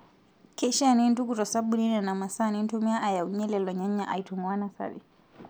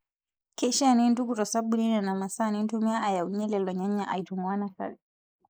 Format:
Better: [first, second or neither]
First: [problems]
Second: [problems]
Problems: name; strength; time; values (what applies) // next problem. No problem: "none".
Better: first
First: none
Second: noise reduction (neural mask model Resemble Enhance denoiser)